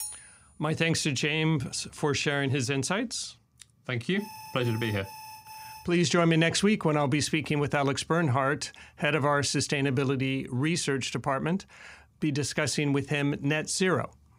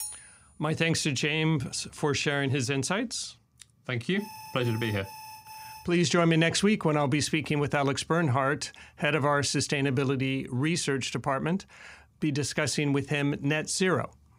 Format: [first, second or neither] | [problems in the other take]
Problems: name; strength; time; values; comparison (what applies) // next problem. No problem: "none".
neither | clattering dishes; noticeable; at the start; peak 10 dB below the speech; the same in both // alarm; faint; from 4 to 6 s; peak 15 dB below the speech; the same in both